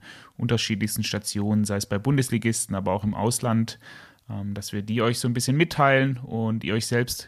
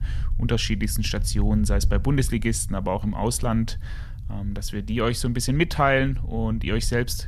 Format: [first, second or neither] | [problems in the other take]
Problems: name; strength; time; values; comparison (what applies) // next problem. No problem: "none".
first | low rumble; faint; throughout; 25 dB below the speech